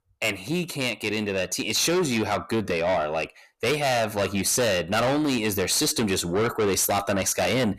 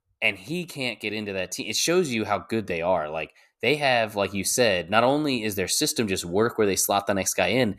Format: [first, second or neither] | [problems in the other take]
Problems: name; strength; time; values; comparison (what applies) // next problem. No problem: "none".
second | distortion; heavy; 6 dB below the speech